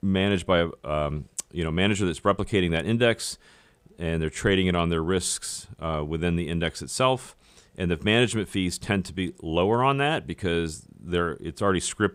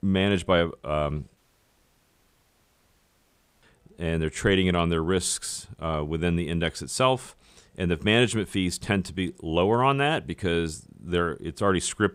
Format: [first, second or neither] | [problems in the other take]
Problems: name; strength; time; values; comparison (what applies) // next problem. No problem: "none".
first | audio cutting out; at 1.5 s for 2.5 s